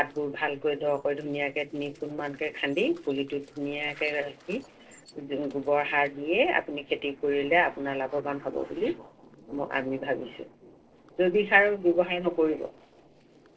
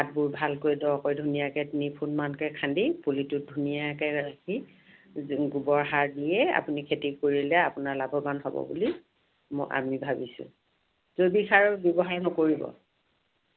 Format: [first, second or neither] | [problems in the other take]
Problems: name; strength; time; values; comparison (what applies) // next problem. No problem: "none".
second | noise reduction (neural separator model SepFormer DNS4)